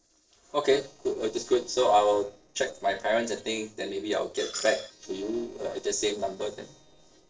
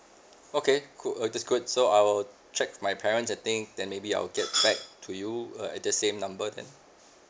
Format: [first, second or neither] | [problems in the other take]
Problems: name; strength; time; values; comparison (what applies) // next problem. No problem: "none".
second | noise reduction (neural separator model SepFormer DNS4)